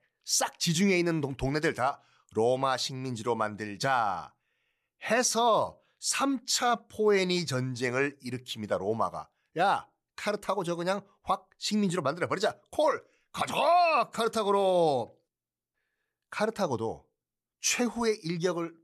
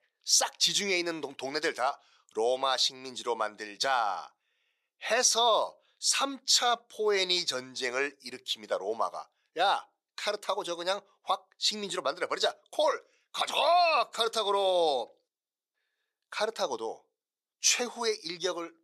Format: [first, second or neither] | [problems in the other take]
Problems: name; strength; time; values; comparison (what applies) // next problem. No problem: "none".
first | thin; somewhat; fading below 500 Hz